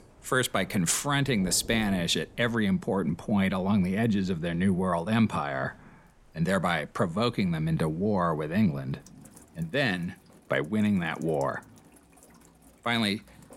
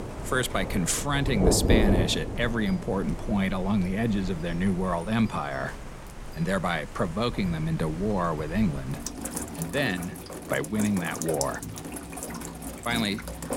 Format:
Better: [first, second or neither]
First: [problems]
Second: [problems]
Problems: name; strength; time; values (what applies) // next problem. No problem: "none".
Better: first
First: rain or running water; faint; throughout; 25 dB below the speech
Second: rain or running water; loud; throughout; 5 dB below the speech